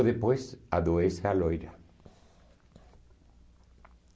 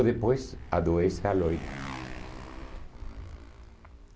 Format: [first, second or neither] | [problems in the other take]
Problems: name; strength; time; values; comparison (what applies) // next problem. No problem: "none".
first | background sound (Motorcycle); 11 dB below the speech